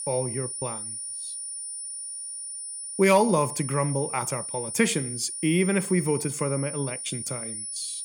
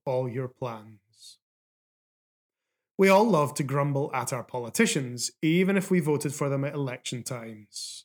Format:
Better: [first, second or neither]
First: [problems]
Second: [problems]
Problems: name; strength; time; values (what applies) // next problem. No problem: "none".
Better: second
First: high-pitched whine; loud; throughout; 9.5 kHz, 6 dB below the speech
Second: none